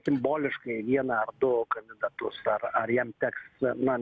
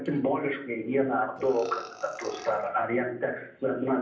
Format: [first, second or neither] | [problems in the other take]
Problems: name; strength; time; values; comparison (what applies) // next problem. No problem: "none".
first | background sound (Burping, eructation); 16 dB below the speech // room echo; dies away in 0.6 s